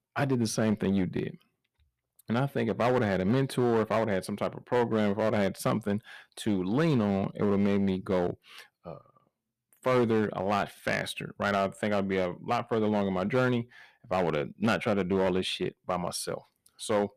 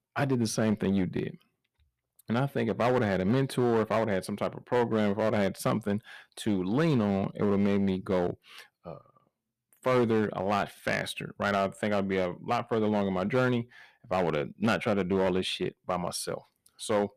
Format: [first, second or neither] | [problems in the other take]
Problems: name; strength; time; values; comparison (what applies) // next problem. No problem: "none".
neither | distortion; slight; 8% of the sound clipped; the same in both